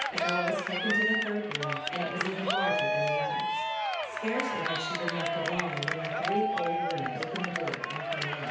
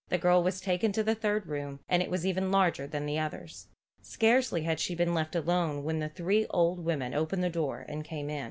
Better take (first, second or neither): second